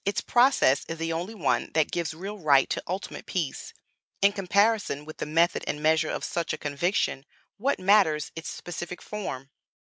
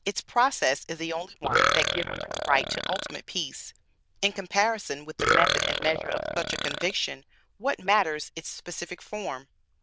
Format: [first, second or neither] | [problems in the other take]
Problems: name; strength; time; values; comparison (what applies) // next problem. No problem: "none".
first | noise reduction (neural diffusion model UNIVERSE++)